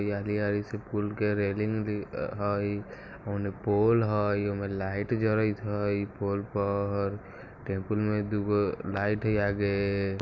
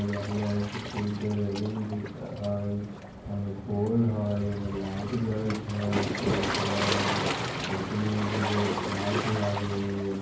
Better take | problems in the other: first | background sound (Waves, surf); 4 dB below the speech // room echo; dies away in 0.9 s

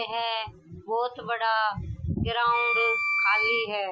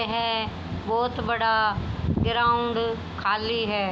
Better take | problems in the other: second | noise reduction (classical method Wiener filter)

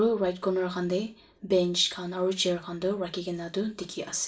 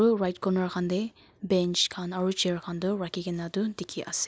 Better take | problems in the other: second | room echo; dies away in 0.3 s

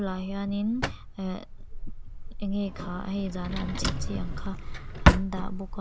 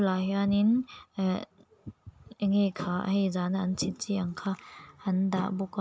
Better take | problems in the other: second | background sound (Drawer open or close); 4 dB above the speech

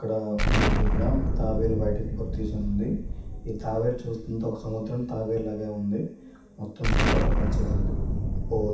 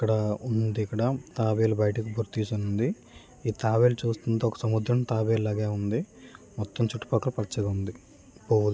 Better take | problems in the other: second | background sound (Explosion); 3 dB above the speech // room echo; dies away in 0.7 s

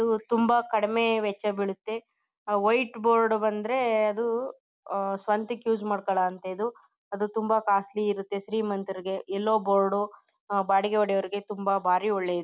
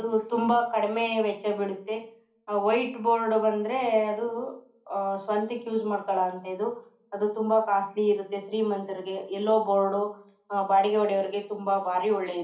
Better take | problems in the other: first | room echo; dies away in 0.4 s

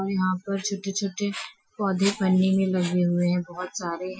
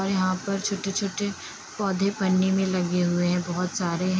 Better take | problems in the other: second | noise reduction (classical method Wiener filter)

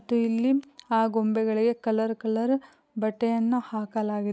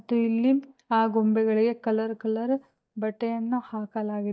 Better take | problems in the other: first | noise reduction (neural mask model DeepFilterNet 3)

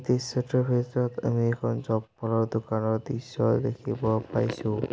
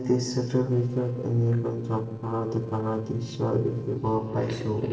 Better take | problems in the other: first | noise reduction (neural separator model SepFormer DNS4)

